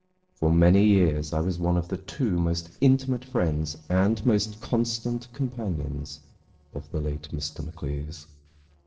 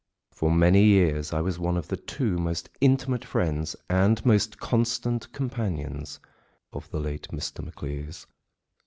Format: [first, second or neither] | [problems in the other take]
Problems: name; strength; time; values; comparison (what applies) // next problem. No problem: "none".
second | noise reduction (neural separator model SepFormer DNS4)